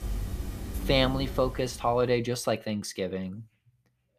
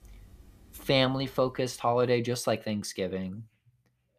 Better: second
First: animal sounds; loud; until 1.5 s; 9 dB below the speech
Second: animal sounds; faint; until 1.5 s; 25 dB below the speech

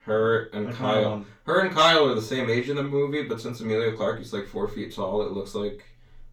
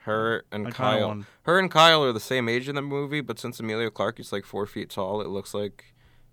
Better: second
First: room echo; slight; dies away in 0.2 s // off-mic speech; far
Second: none

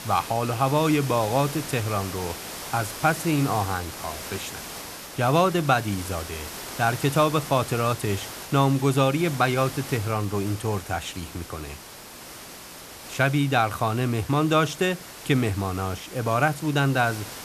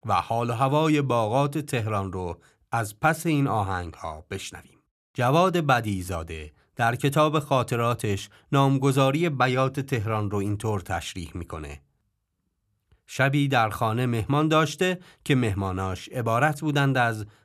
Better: second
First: hiss; noticeable; throughout; 10 dB below the speech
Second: none

